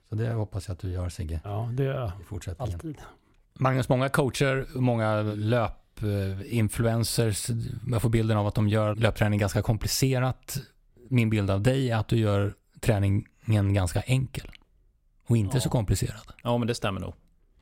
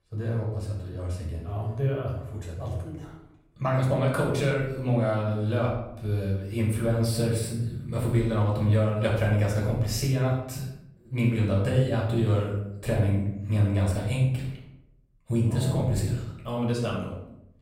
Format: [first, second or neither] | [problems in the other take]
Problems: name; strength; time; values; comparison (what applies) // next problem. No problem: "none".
first | off-mic speech; far // room echo; noticeable; dies away in 0.7 s